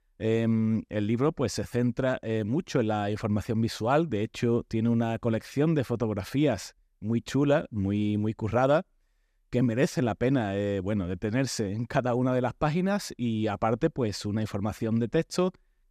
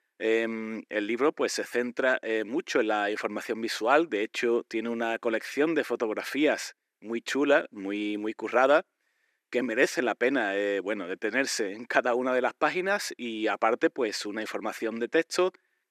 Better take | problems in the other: first | thin; somewhat; fading below 350 Hz

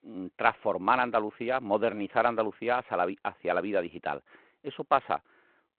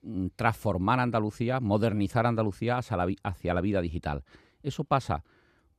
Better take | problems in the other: second | phone-call audio; nothing above 4 kHz

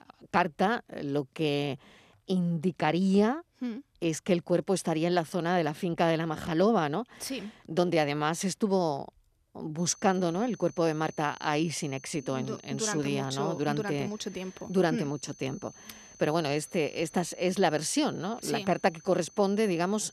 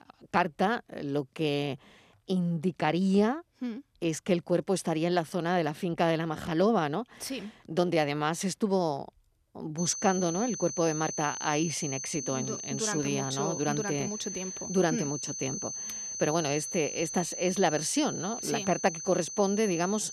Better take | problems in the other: first | high-pitched whine; loud; from 10 s on; 6 kHz, 6 dB below the speech; faint in the first

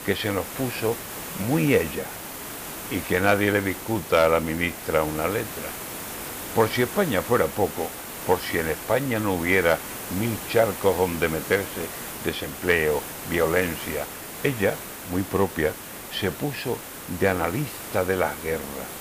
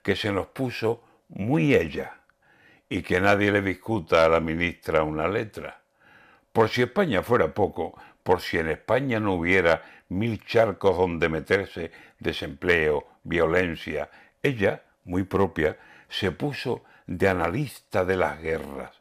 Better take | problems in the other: second | hiss; loud; throughout; 9 dB below the speech

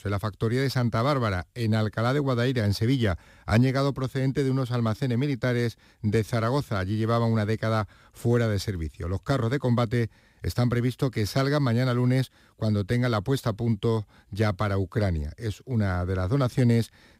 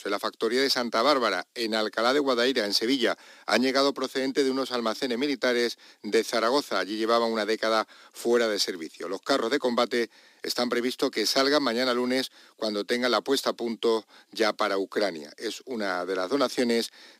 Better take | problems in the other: first | thin; somewhat; fading below 300 Hz

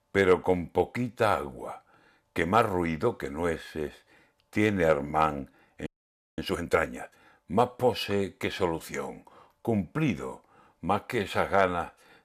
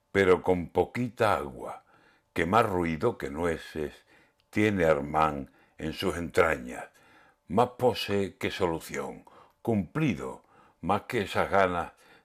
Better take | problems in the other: second | audio freezing; at 6 s for 0.5 s

